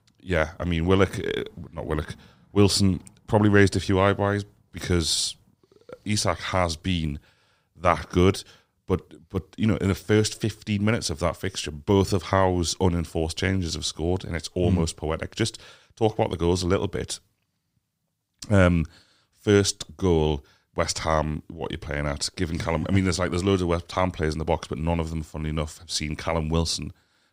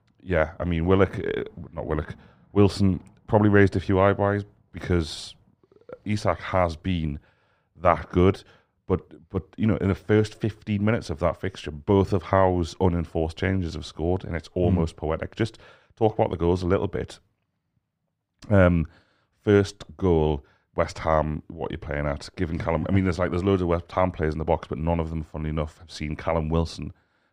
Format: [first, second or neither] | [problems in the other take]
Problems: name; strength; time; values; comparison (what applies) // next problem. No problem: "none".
first | muffled; slightly; fading above 3.5 kHz